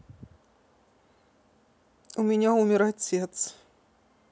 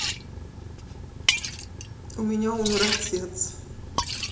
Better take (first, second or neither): first